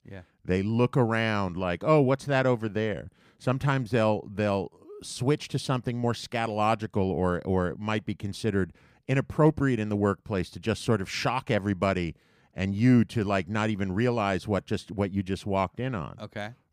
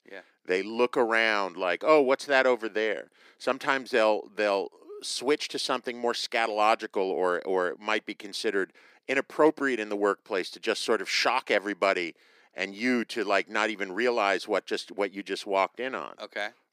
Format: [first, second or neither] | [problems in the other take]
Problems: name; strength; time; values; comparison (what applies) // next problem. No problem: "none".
first | thin; somewhat; fading below 300 Hz